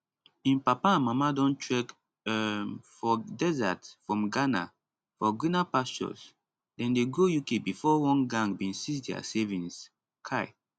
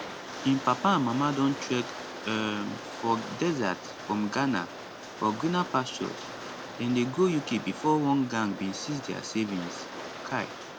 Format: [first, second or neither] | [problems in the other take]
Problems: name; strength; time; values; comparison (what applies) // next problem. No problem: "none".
first | background sound (Rain); 10 dB below the speech